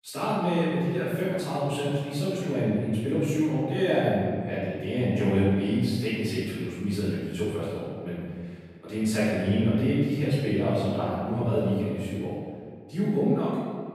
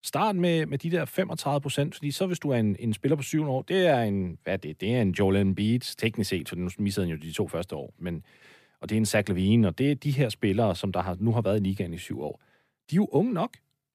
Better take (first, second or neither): second